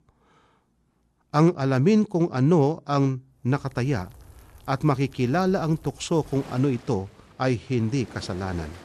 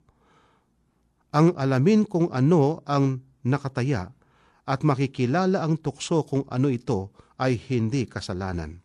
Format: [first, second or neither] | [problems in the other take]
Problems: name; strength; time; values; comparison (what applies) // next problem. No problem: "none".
second | rain or running water; faint; from 3.5 s on; 25 dB below the speech